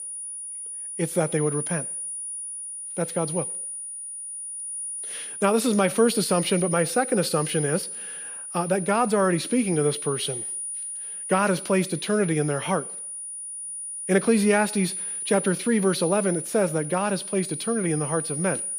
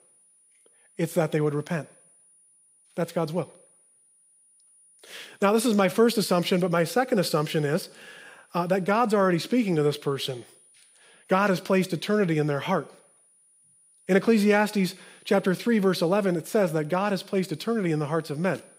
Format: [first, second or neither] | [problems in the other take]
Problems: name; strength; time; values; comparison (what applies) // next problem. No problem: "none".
second | high-pitched whine; loud; throughout; 9.5 kHz, 6 dB below the speech; faint in the second